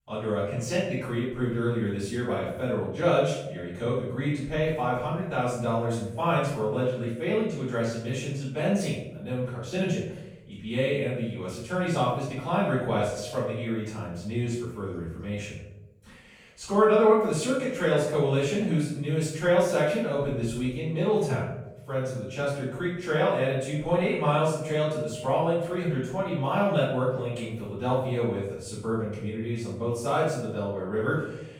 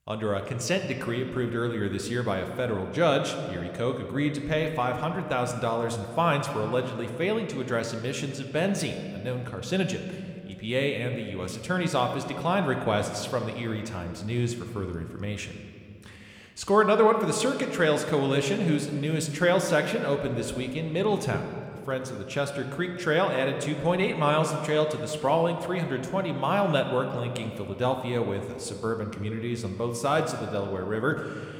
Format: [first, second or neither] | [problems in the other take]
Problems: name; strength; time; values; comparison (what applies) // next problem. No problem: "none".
second | room echo; strong; dies away in 0.8 s; slight in the second // off-mic speech; far